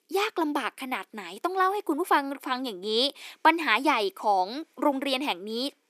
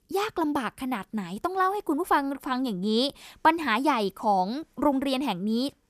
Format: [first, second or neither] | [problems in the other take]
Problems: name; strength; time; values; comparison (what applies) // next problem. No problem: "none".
second | thin; very slightly; fading below 300 Hz